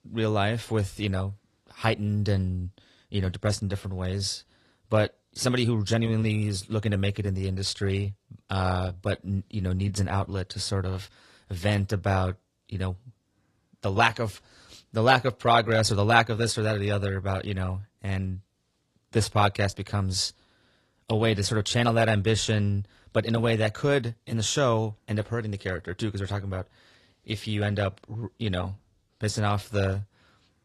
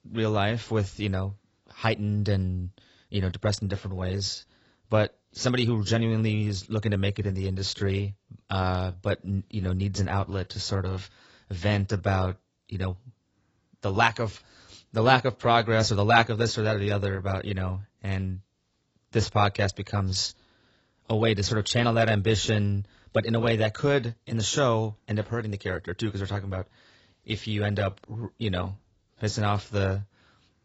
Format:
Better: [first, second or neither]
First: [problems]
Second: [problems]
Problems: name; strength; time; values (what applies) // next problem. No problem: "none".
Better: first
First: garbled, watery; slightly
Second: garbled, watery; badly; nothing above 8 kHz